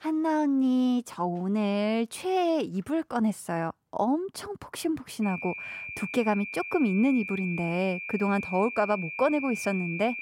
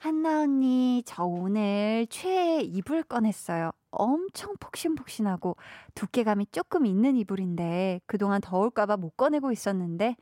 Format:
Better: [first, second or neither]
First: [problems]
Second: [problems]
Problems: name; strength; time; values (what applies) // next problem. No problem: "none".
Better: second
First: high-pitched whine; loud; from 5 s on; 2.5 kHz, 7 dB below the speech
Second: none